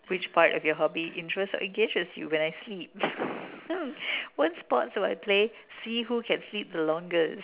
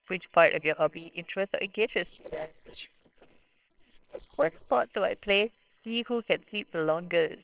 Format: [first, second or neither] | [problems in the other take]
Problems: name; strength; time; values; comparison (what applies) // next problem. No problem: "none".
first | noise reduction (neural separator model SepFormer WHAMR!)